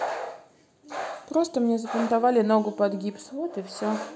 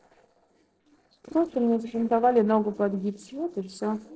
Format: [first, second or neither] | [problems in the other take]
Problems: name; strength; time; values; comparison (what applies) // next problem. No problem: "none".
first | noise reduction (neural separator model SepFormer DNS4)